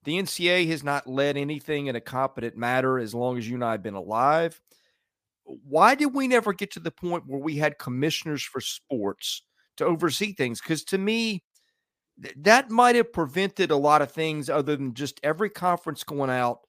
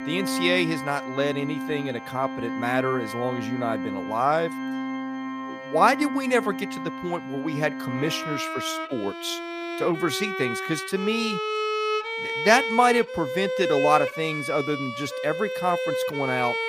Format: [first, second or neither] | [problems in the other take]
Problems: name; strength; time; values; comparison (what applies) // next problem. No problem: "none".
first | background music; loud; throughout; 4 dB below the speech